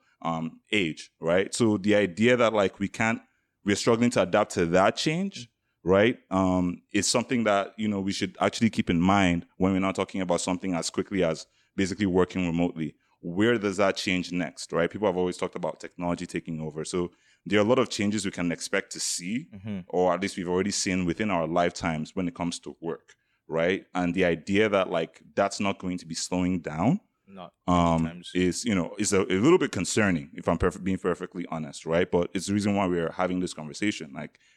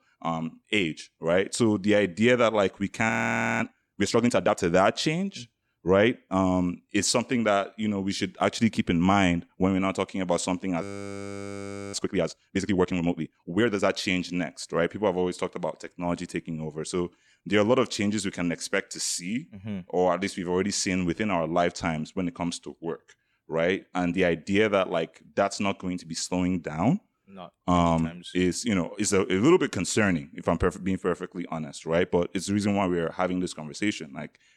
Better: first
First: none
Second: audio freezing; at 3 s for 0.5 s and at 11 s for 1 s

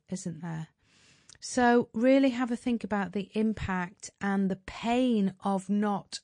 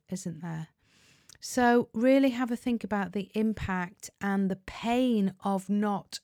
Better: second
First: garbled, watery; slightly; nothing above 9.5 kHz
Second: none

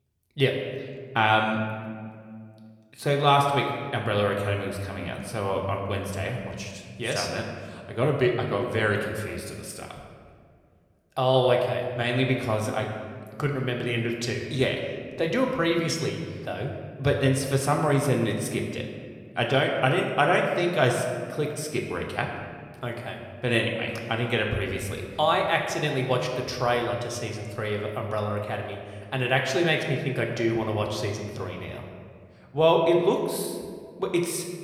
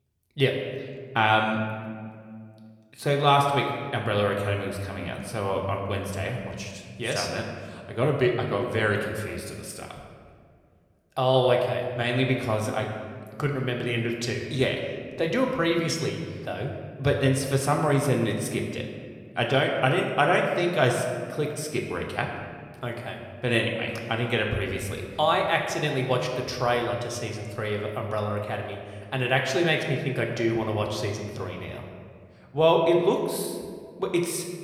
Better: neither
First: room echo; slight; dies away in 1.5 s // off-mic speech; somewhat distant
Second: room echo; slight; dies away in 1.5 s // off-mic speech; somewhat distant

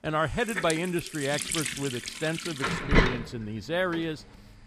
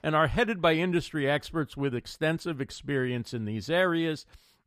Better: second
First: household noises; very loud; throughout; as loud as the speech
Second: none

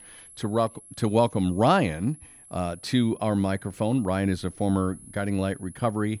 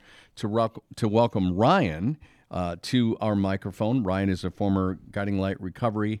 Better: second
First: high-pitched whine; faint; throughout; 11 kHz, 20 dB below the speech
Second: none

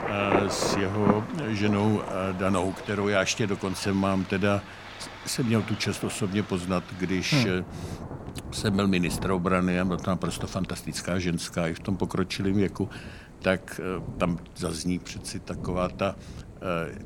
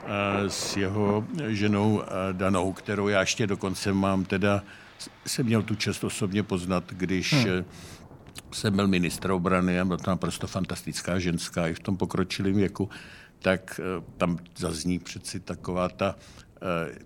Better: second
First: rain or running water; loud; throughout; 9 dB below the speech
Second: rain or running water; faint; throughout; 20 dB below the speech

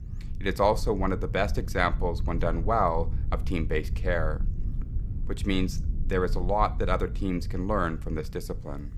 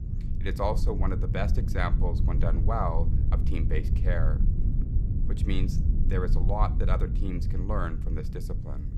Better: first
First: low rumble; faint; throughout; 20 dB below the speech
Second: low rumble; loud; throughout; 9 dB below the speech

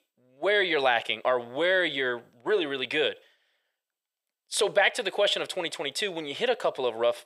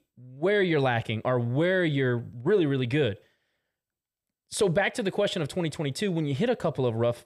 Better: second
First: thin; very; fading below 600 Hz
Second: none

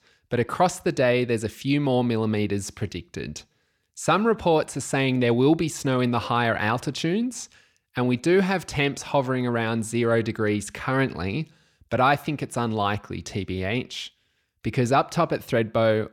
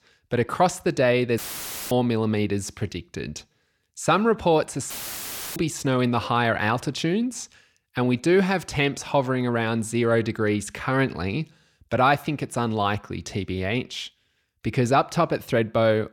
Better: first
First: none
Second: audio cutting out; filled with static; at 1.5 s for 0.5 s and at 5 s for 0.5 s

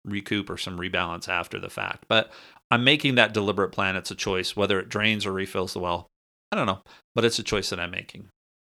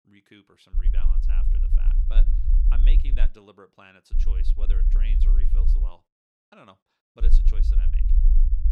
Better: first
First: none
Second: low rumble; loud; from 0.5 to 3.5 s, from 4 to 6 s and from 7 s on; 2 dB below the speech

